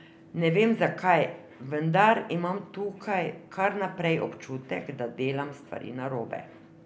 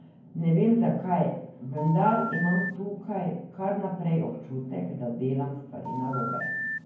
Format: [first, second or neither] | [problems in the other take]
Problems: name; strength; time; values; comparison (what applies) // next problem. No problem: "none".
first | background sound (Telephone); 5 dB below the speech // room echo; dies away in 0.9 s